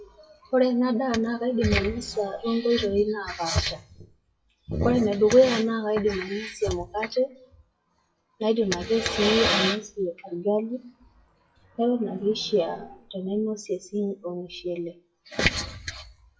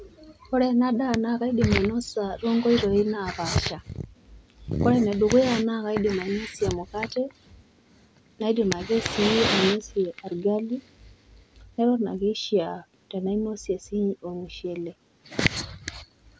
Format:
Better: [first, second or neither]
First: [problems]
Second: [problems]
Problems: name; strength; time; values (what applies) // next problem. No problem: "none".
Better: second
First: noise reduction (classical method WPE with log-MMSE)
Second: none